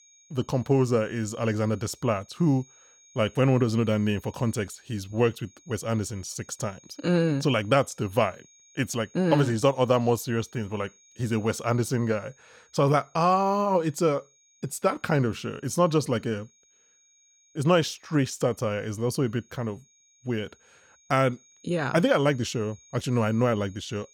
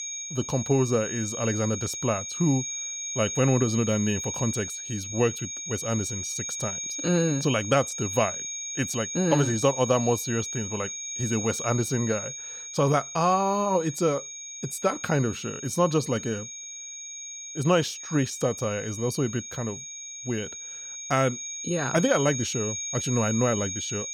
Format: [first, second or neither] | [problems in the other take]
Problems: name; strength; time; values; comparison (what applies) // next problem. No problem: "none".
first | high-pitched whine; loud; throughout; 6.5 kHz, 6 dB below the speech; faint in the first